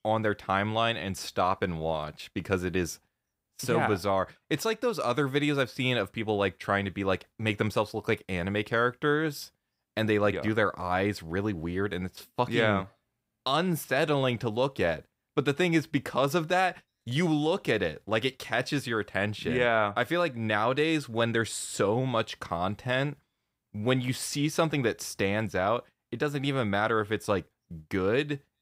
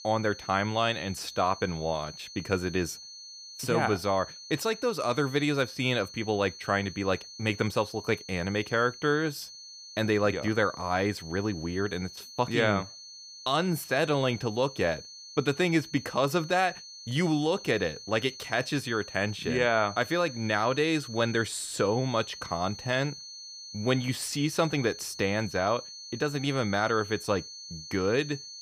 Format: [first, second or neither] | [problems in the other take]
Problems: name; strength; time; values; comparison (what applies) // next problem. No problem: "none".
first | high-pitched whine; noticeable; throughout; 4.5 kHz, 15 dB below the speech